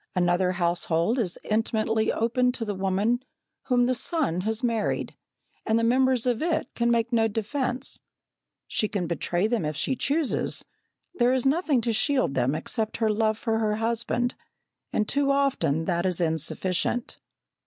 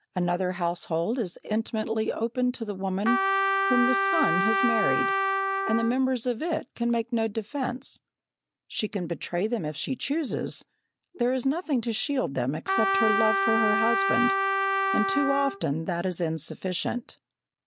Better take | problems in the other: first | background sound (Trumpet); 2 dB above the speech

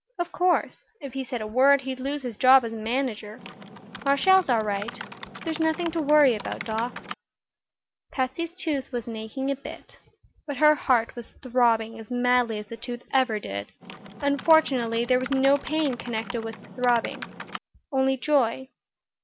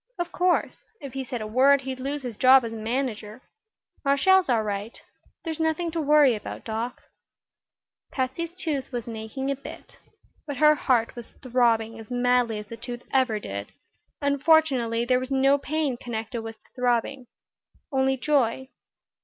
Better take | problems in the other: second | background sound (Typing); 13 dB below the speech

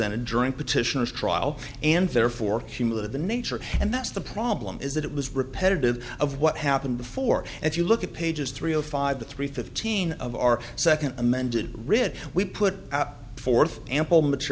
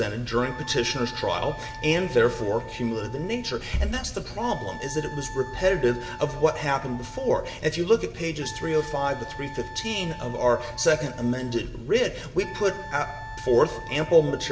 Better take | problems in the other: first | background sound (Wind instrument, woodwind instrument); 15 dB below the speech // room echo; dies away in 0.9 s

